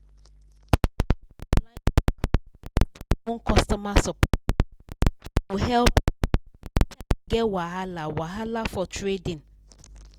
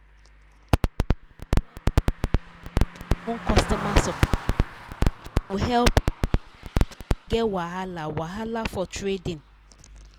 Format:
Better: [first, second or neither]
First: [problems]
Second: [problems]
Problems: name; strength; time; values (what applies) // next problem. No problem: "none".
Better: first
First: none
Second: background sound (Car passing by); 16 dB below the speech